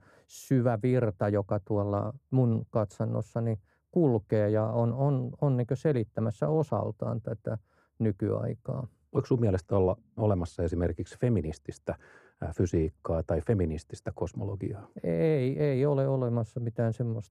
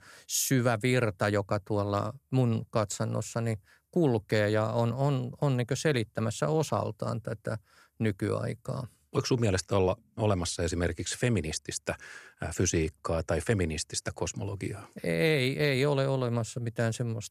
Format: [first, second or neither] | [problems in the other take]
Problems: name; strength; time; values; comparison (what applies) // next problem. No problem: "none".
second | muffled; very; fading above 1.5 kHz